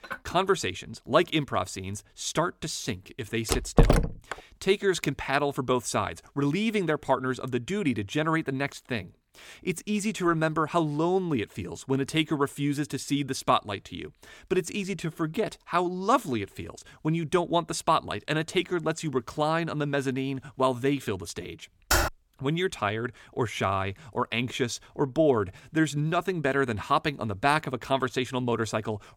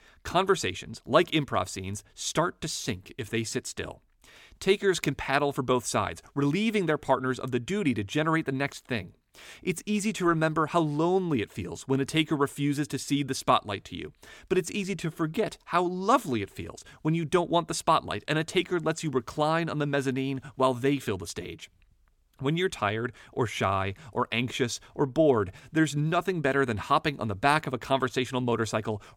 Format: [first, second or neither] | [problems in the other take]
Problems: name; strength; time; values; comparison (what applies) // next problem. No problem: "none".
second | clattering dishes; faint; at the start; peak 10 dB below the speech // door banging; loud; at 3.5 s; peak 6 dB above the speech // keyboard typing; loud; at 22 s; peak 3 dB above the speech